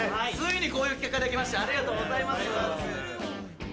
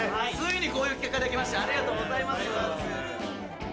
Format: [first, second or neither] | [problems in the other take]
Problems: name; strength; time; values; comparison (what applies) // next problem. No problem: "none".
first | background sound (Brass instrument); 9 dB below the speech